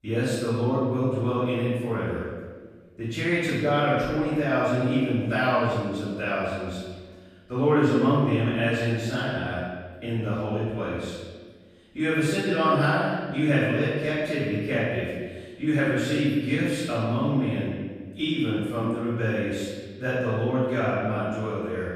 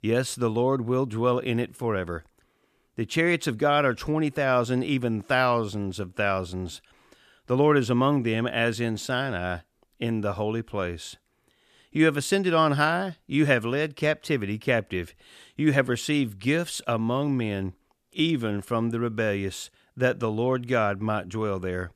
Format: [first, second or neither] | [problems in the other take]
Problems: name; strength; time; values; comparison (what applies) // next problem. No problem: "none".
second | off-mic speech; far // room echo; strong; dies away in 1.4 s